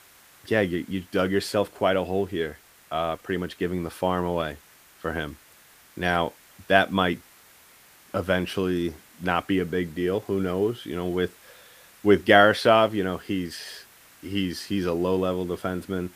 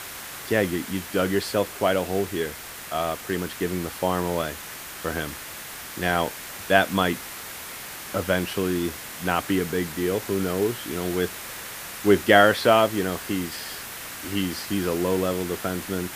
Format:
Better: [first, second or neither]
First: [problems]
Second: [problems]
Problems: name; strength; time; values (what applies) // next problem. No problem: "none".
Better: first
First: hiss; faint; throughout; 25 dB below the speech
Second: hiss; loud; throughout; 10 dB below the speech